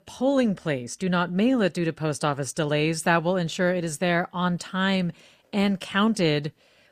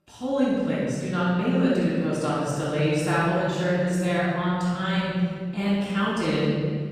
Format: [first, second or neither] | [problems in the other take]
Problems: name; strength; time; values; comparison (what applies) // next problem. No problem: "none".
first | off-mic speech; far // room echo; strong; dies away in 2.3 s